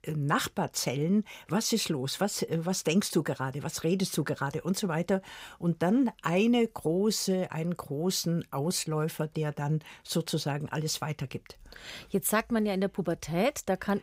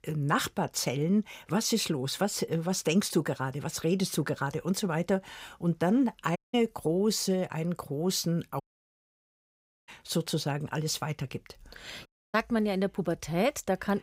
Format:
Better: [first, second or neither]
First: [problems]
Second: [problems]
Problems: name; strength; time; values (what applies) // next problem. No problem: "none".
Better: first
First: none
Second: audio cutting out; at 6.5 s, at 8.5 s for 1.5 s and at 12 s